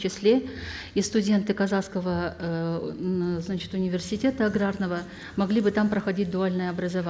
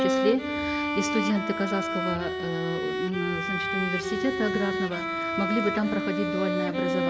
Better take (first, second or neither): first